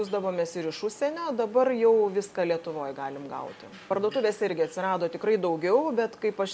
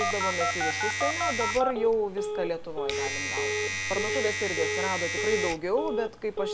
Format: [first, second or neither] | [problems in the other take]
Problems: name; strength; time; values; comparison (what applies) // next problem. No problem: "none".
first | background sound (Domestic sounds, home sounds + Telephone); 1 dB above the speech